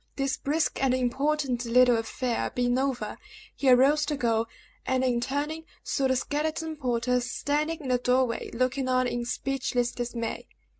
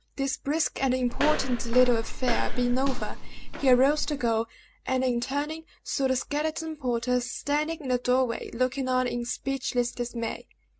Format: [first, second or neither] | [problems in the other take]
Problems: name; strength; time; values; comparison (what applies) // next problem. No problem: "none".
first | background sound (Walk, footsteps); 2 dB above the speech